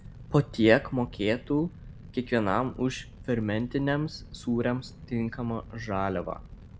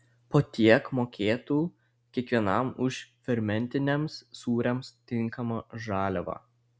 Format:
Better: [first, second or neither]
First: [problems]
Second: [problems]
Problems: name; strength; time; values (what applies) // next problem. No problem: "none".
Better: second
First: background sound (Fire); 16 dB below the speech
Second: none